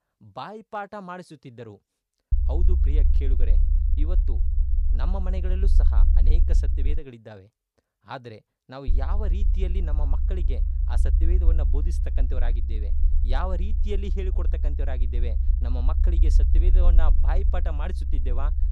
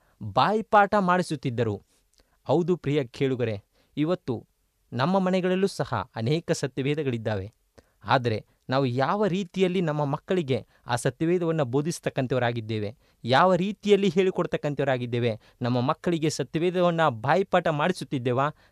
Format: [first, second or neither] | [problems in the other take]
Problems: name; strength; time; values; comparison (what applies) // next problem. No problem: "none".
second | low rumble; loud; from 2.5 to 7 s and from 9 s on; 7 dB below the speech